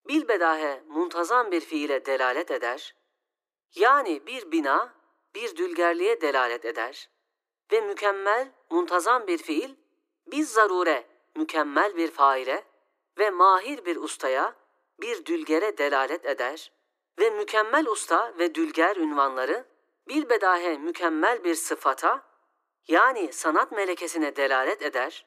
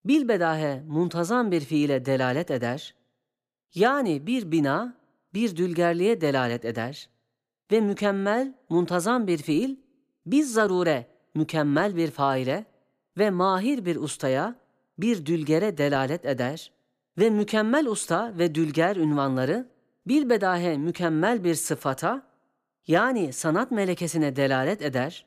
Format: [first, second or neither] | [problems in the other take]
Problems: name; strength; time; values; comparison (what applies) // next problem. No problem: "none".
second | thin; very; fading below 300 Hz